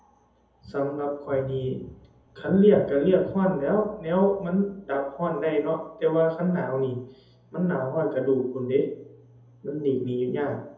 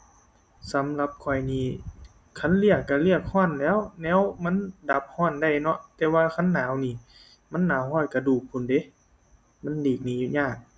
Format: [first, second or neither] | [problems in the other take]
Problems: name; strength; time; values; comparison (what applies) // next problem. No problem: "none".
second | room echo; dies away in 0.7 s